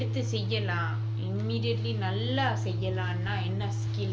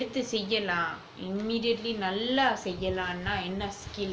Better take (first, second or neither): second